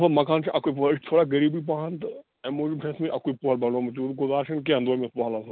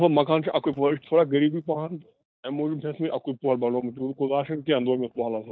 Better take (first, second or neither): first